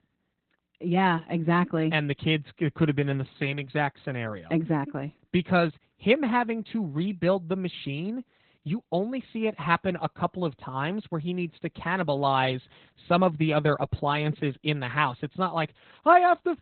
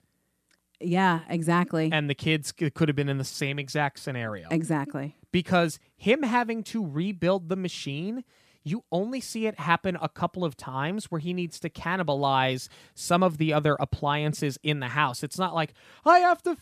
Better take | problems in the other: second | garbled, watery; badly; nothing above 4 kHz

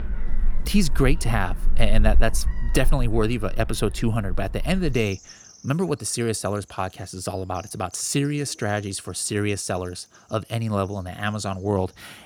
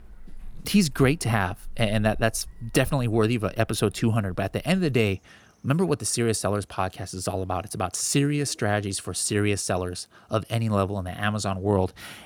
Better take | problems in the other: second | animal sounds; loud; throughout; 4 dB below the speech; faint in the second

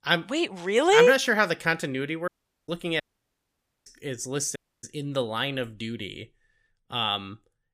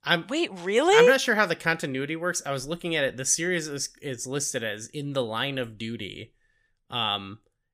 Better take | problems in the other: second | audio cutting out; at 2.5 s, at 3 s for 1 s and at 4.5 s

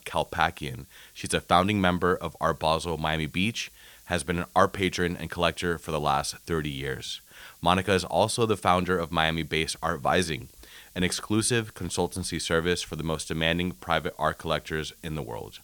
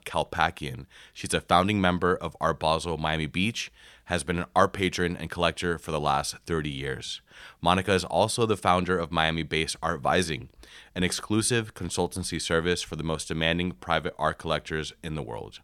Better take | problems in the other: second | hiss; faint; throughout; 25 dB below the speech

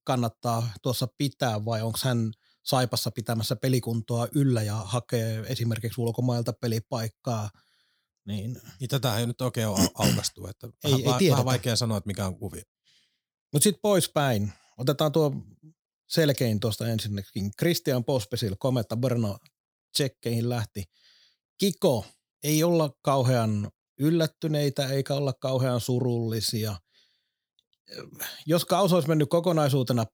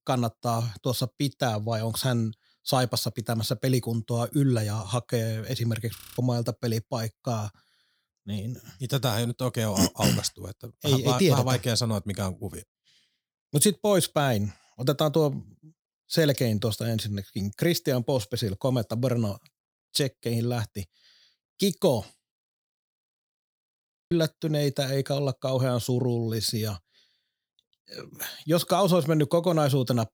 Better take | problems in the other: first | audio freezing; at 6 s and at 22 s for 2 s

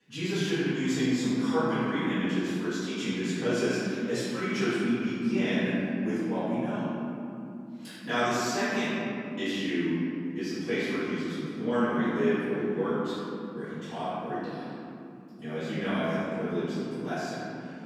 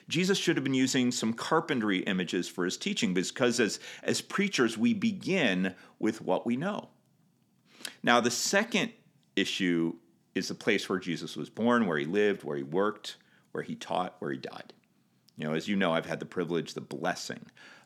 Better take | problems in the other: second | off-mic speech; far // room echo; strong; dies away in 3 s

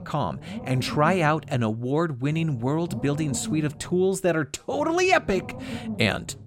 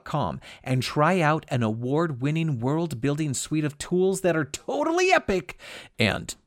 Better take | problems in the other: second | low rumble; noticeable; throughout; 15 dB below the speech

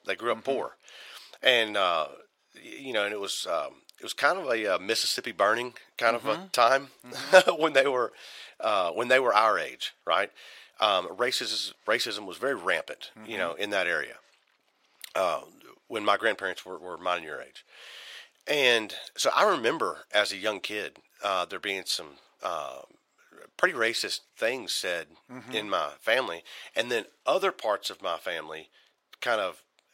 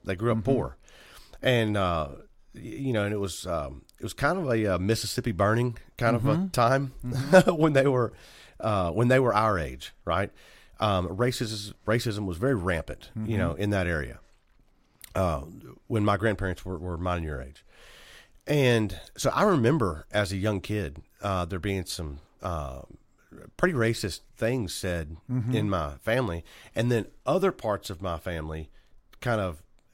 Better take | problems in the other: second | thin; very; fading below 550 Hz

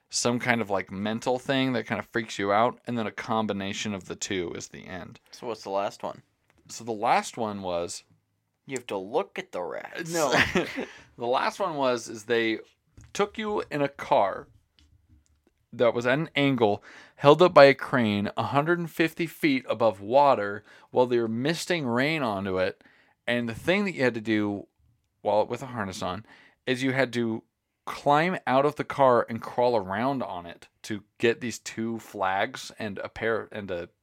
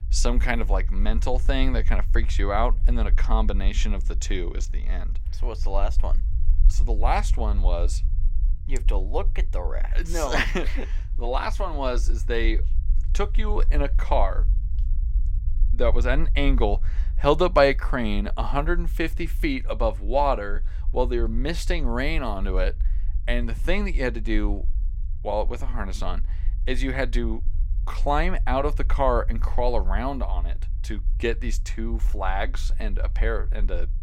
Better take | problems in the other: first | low rumble; faint; throughout; 25 dB below the speech

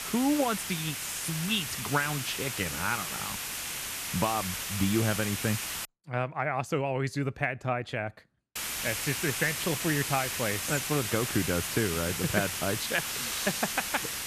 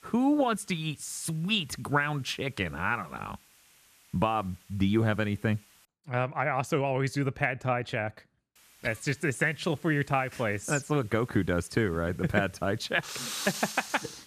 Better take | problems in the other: second | hiss; loud; until 6 s and from 8.5 s on; 2 dB below the speech; faint in the second

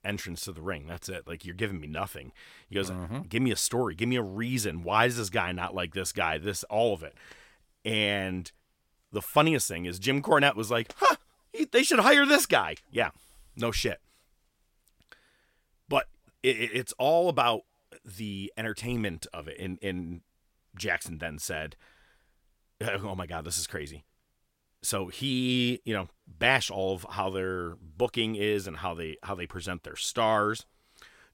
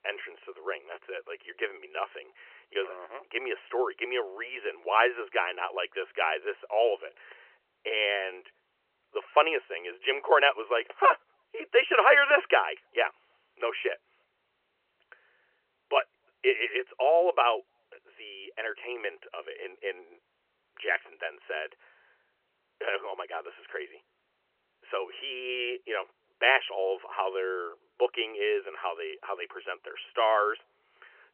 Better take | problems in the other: first | phone-call audio; nothing above 3 kHz

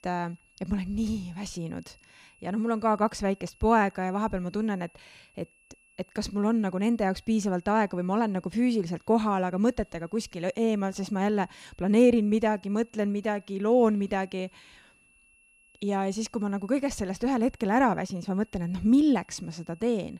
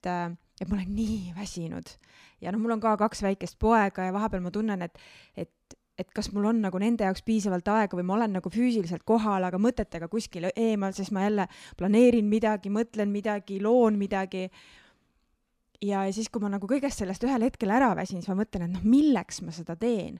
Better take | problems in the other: second | high-pitched whine; faint; throughout; 2.5 kHz, 30 dB below the speech

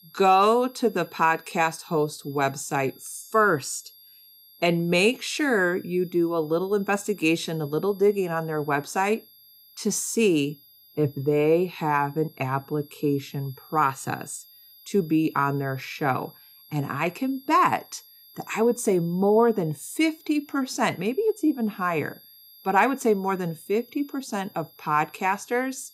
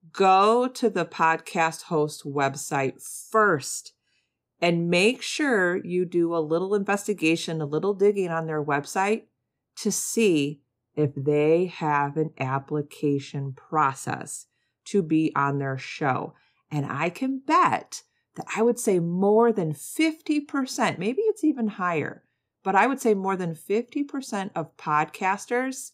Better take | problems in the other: second | high-pitched whine; faint; throughout; 11.5 kHz, 25 dB below the speech

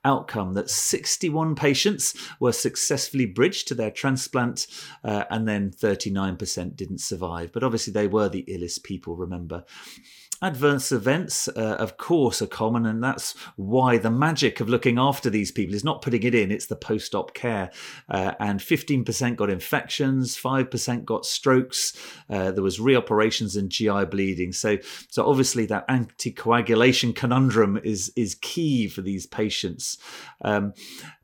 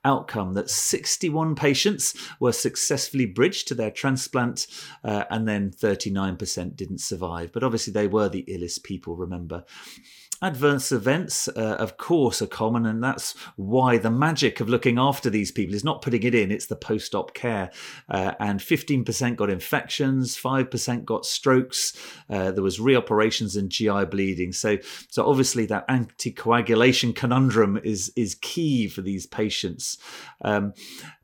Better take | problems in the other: neither | none

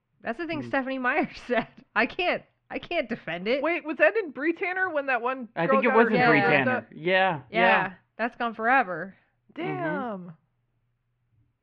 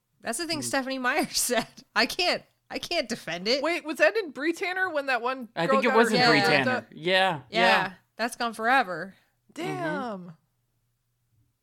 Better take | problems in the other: second | muffled; very; fading above 2.5 kHz

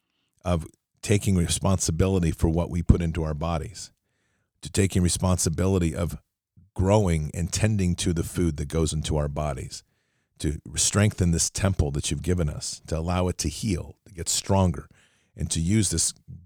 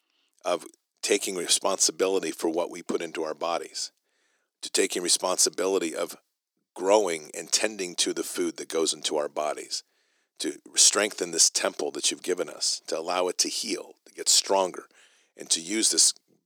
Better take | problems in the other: first | thin; very; fading below 300 Hz

